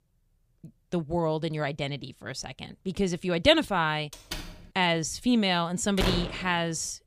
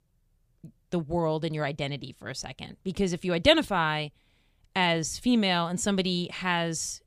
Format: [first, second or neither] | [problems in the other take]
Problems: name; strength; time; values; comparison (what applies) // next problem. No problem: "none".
second | door banging; faint; at 4 s; peak 10 dB below the speech // door banging; noticeable; at 6 s; peak 2 dB below the speech